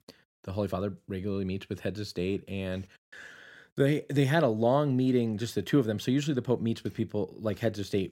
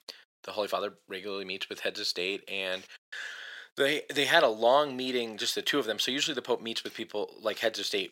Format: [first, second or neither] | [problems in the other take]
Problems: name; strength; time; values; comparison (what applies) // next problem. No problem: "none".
first | thin; very; fading below 650 Hz